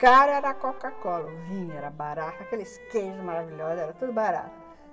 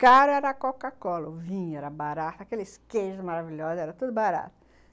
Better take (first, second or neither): second